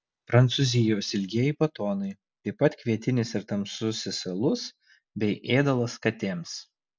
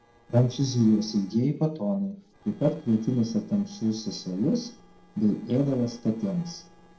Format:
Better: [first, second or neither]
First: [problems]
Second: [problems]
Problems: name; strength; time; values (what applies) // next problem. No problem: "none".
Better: first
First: none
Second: noise reduction (neural separator model SepFormer DNS4)